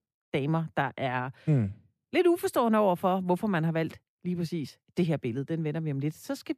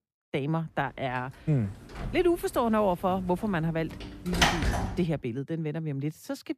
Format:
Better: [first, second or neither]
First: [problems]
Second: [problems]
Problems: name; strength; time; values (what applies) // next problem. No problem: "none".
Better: first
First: none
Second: door banging; loud; from 2 to 5 s; peak 5 dB above the speech